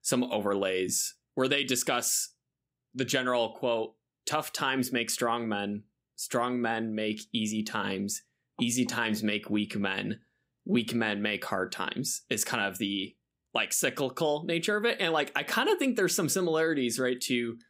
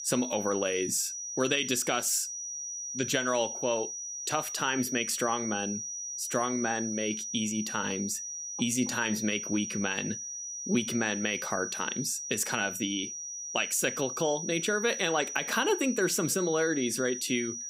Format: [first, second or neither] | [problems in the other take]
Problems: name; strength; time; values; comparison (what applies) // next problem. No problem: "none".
first | high-pitched whine; loud; throughout; 6 kHz, 5 dB below the speech